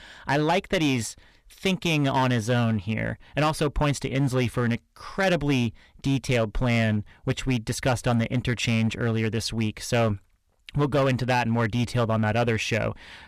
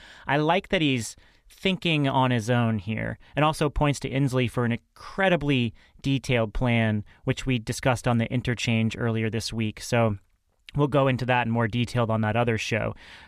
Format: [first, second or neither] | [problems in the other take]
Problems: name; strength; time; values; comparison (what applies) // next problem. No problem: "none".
second | distortion; slight; 6% of the sound clipped